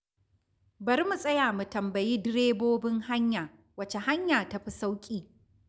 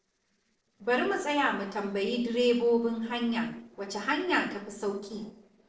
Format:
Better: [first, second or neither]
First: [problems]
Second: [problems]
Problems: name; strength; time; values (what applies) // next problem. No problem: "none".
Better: first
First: none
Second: noise reduction (neural separator model SepFormer DNS4)